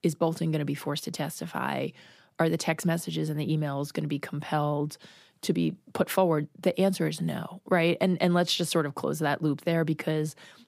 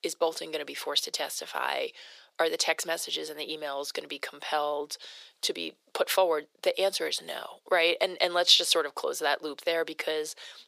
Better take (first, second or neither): first